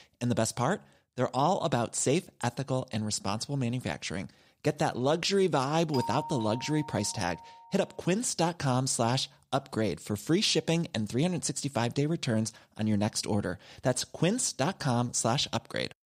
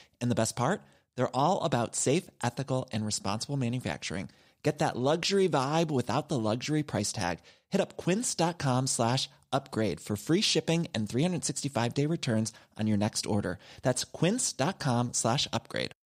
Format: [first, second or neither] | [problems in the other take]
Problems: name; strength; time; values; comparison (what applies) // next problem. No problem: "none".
second | doorbell; noticeable; from 6 to 7.5 s; peak 7 dB below the speech